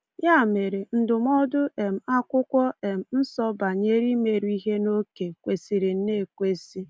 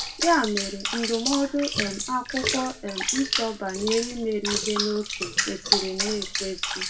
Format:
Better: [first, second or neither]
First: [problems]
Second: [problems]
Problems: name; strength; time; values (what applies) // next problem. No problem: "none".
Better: first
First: none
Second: background sound (Bathtub (filling or washing) / Water); 2 dB below the speech // room echo; dies away in 0.2 s